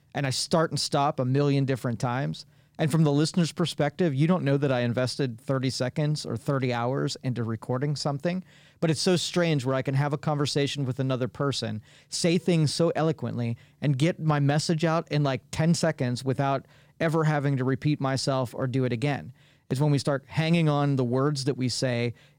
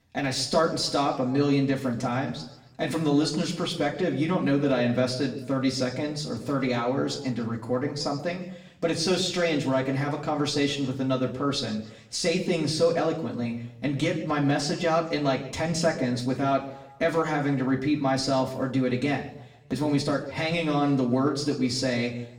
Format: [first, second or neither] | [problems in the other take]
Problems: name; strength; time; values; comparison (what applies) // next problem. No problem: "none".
first | room echo; slight; dies away in 0.7 s // off-mic speech; far